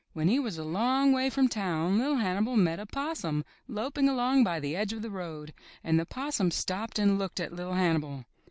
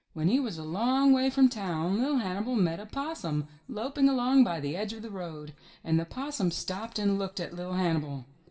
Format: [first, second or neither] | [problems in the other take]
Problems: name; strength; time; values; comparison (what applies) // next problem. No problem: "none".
first | room echo; dies away in 0.7 s